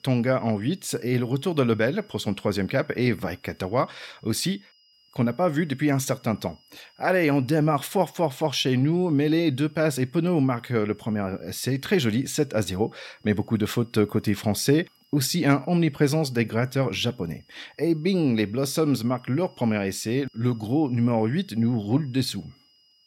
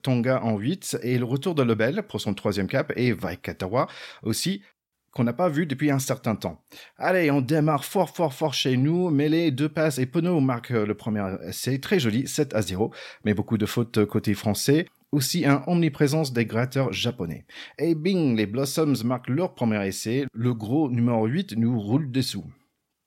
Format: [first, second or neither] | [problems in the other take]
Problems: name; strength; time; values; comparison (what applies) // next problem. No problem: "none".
second | high-pitched whine; faint; throughout; 5 kHz, 35 dB below the speech